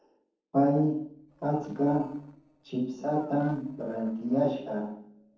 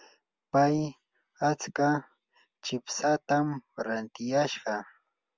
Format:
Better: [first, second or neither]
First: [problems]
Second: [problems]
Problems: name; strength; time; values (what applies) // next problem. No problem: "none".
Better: second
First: noise reduction (neural separator model SepFormer DNS4)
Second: none